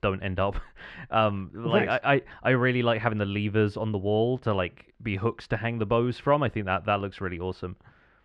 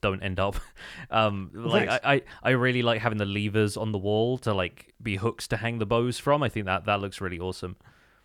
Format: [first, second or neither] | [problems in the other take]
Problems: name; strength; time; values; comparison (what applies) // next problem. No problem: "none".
second | muffled; slightly; fading above 2.5 kHz